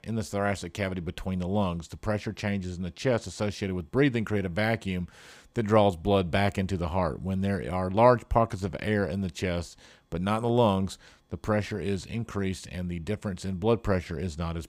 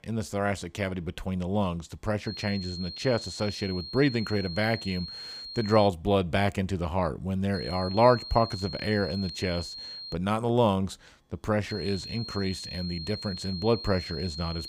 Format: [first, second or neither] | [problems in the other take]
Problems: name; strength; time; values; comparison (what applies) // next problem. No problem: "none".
first | high-pitched whine; loud; from 2.5 to 6 s, from 7.5 to 10 s and from 12 s on; 4 kHz, 9 dB below the speech